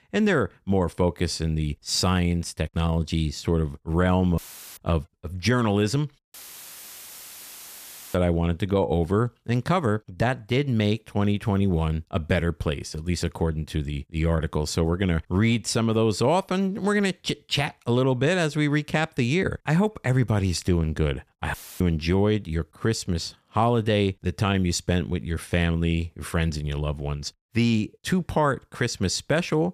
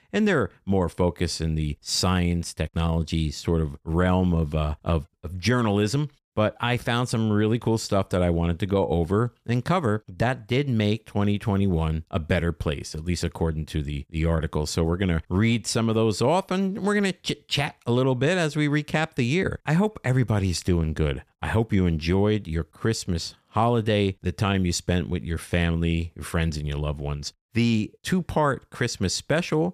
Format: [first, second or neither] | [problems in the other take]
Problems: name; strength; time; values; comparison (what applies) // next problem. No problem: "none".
second | audio cutting out; filled with static; at 4.5 s, at 6.5 s for 2 s and at 22 s